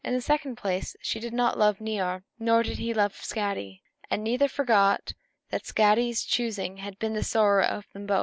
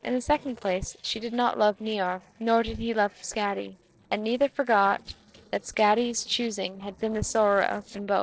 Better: first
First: none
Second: noise reduction (neural separator model SepFormer DNS4)

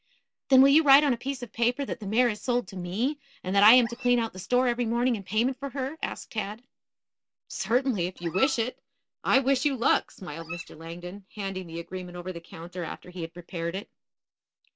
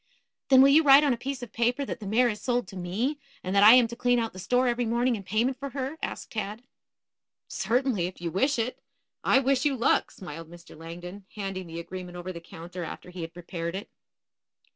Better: second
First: noise reduction (neural mask model Resemble Enhance denoiser)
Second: none

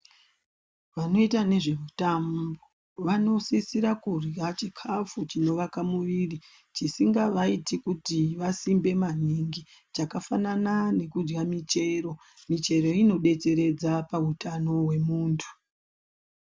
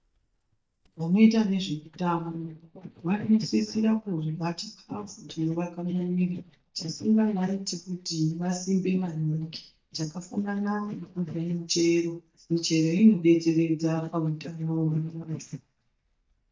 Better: first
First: none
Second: noise reduction (neural mask model DeepFilterNet 3)

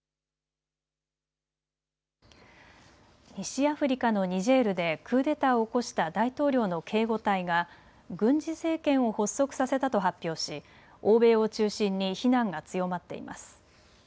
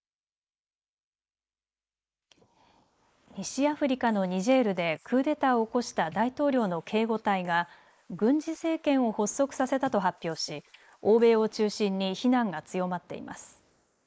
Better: first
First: none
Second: noise reduction (neural mask model Resemble Enhance denoiser)

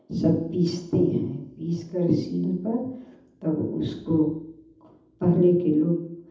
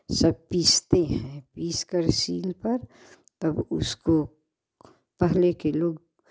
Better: second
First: room echo; dies away in 0.8 s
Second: none

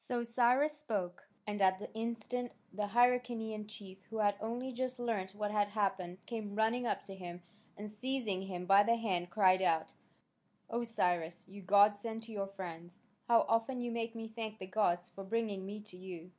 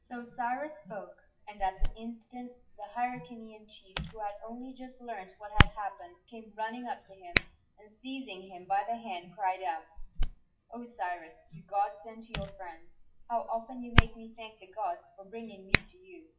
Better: first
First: none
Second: noise reduction (classical method WPE with log-MMSE)

